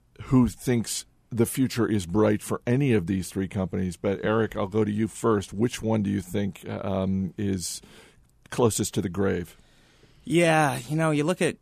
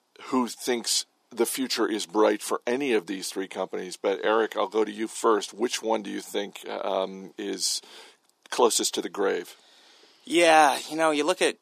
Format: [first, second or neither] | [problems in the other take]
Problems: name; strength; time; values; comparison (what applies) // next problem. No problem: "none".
first | thin; somewhat; fading below 300 Hz